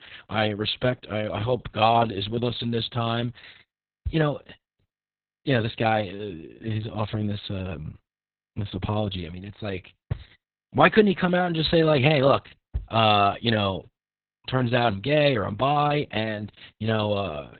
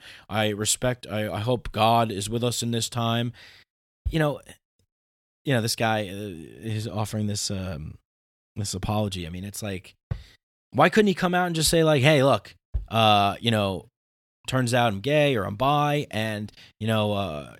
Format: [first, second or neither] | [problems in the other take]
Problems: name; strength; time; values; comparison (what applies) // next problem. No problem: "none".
second | garbled, watery; badly; nothing above 4 kHz